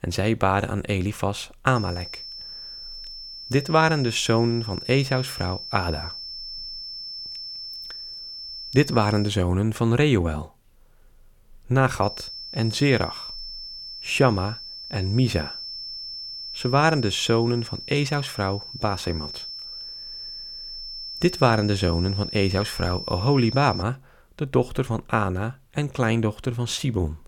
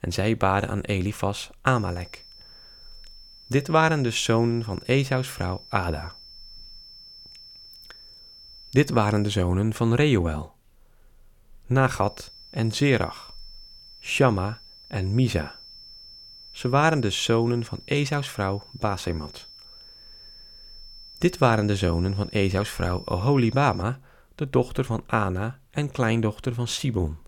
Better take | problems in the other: second | high-pitched whine; loud; from 2 to 9.5 s and from 12 to 24 s; 5.5 kHz, 10 dB below the speech; faint in the second

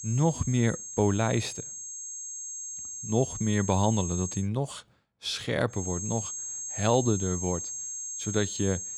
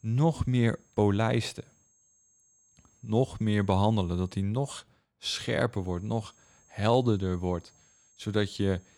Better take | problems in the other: second | high-pitched whine; loud; until 4.5 s and from 6 s on; 6.5 kHz, 6 dB below the speech; faint in the second

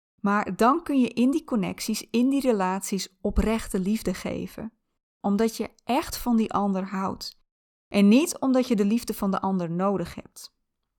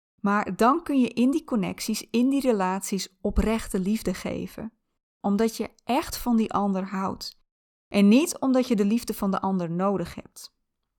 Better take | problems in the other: neither | none

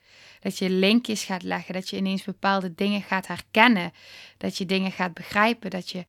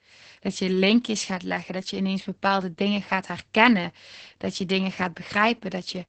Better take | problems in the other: first | garbled, watery; badly; nothing above 8 kHz

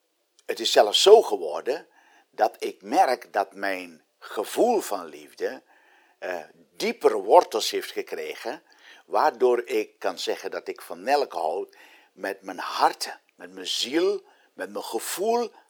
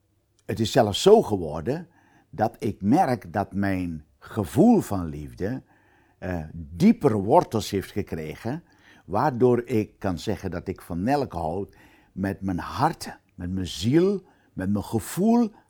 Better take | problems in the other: second | thin; very; fading below 450 Hz

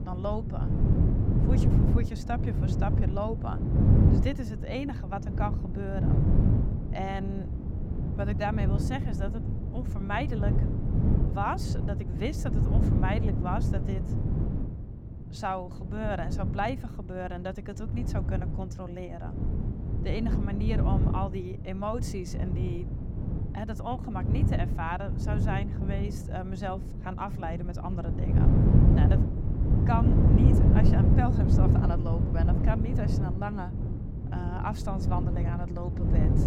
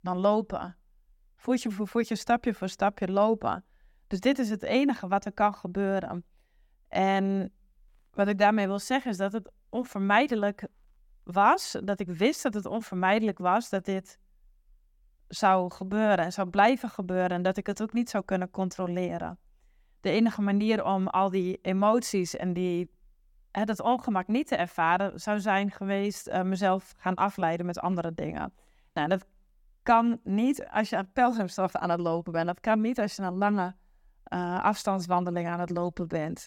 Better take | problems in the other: second | wind noise on the microphone; heavy; 2 dB below the speech

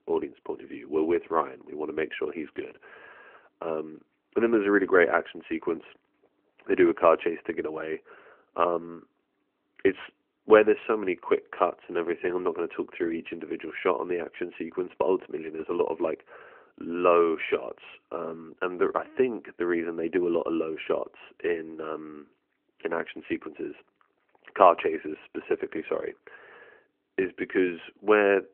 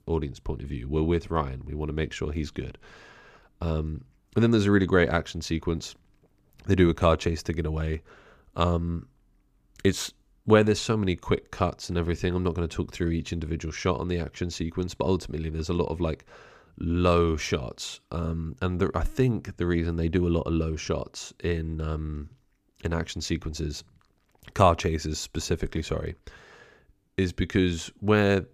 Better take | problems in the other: second | phone-call audio

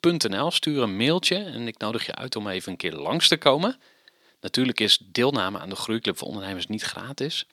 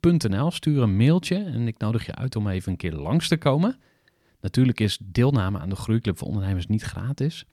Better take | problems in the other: second | thin; somewhat; fading below 350 Hz

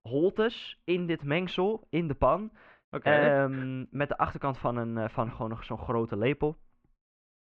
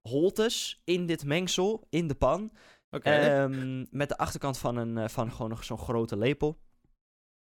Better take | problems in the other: second | muffled; very; fading above 2.5 kHz

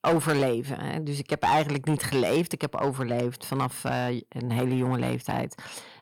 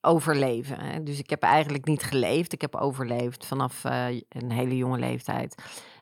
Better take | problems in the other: second | distortion; slight; 5% of the sound clipped

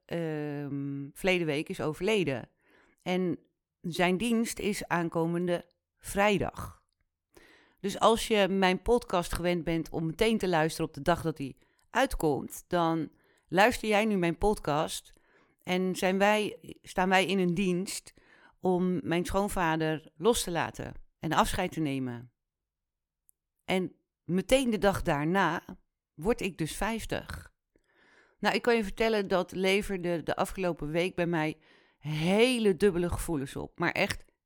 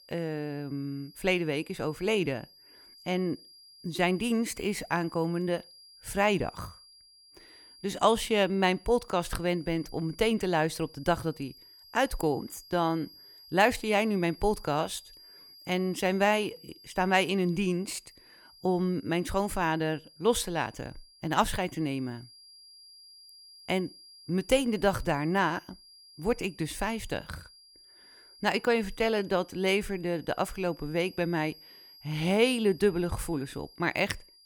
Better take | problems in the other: first | high-pitched whine; faint; throughout; 5 kHz, 20 dB below the speech

